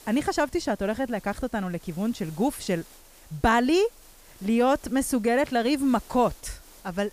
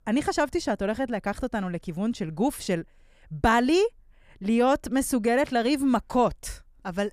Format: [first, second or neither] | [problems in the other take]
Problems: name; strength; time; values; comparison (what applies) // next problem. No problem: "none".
second | hiss; faint; throughout; 25 dB below the speech